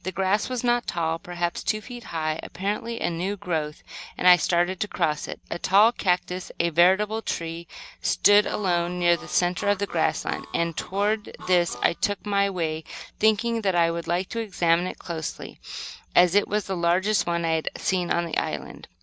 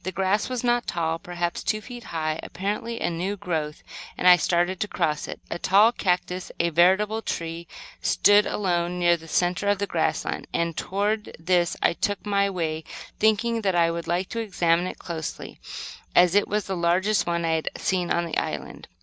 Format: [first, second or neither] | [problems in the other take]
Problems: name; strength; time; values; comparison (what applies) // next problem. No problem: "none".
second | background sound (Harmonica); 17 dB below the speech